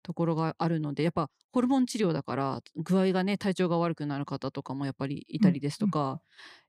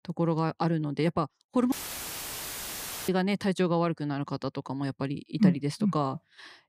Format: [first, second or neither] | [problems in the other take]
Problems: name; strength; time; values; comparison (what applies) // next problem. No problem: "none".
first | audio cutting out; filled with static; at 1.5 s for 1.5 s